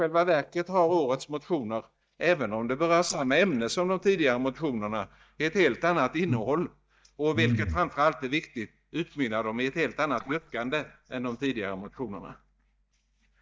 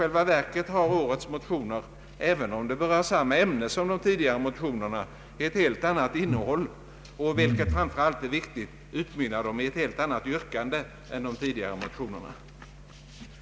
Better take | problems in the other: second | noise reduction (neural mask model DeepFilterNet 3)

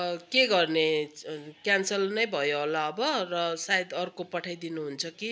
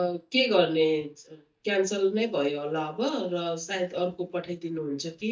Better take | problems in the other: first | noise reduction (neural mask model DeepFilterNet 3)

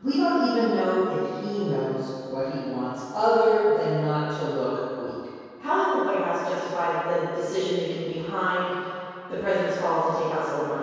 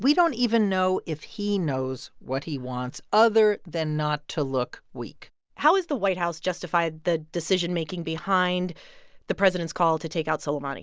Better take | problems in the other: second | room echo; dies away in 2.2 s

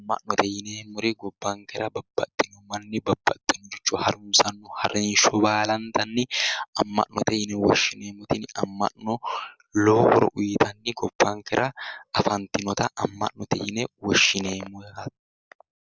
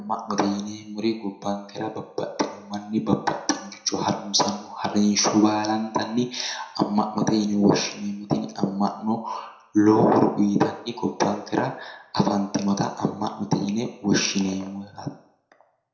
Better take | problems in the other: first | room echo; dies away in 0.5 s

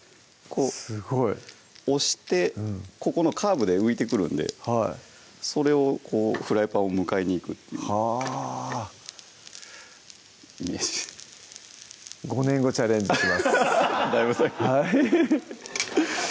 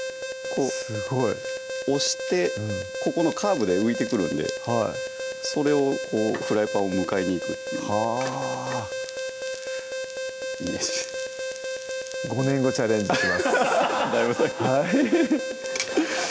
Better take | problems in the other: first | background sound (Alarm); 6 dB below the speech

